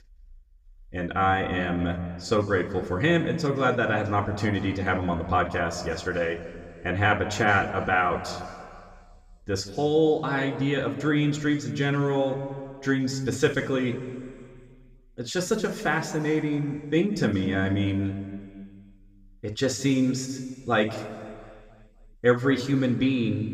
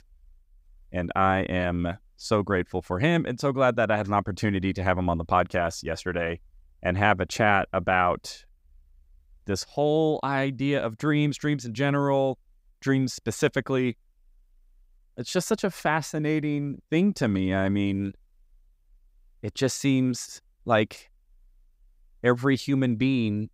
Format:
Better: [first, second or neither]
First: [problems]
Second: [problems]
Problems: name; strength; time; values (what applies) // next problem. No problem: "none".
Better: second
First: room echo; slight; dies away in 1.9 s // off-mic speech; somewhat distant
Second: none